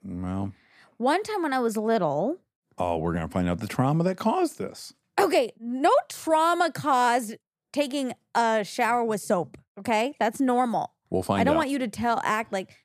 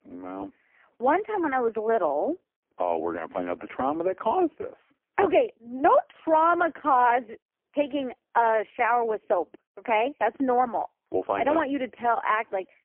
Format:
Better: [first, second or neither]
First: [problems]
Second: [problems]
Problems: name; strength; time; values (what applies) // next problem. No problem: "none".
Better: first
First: none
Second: phone-call audio; poor line; nothing above 3 kHz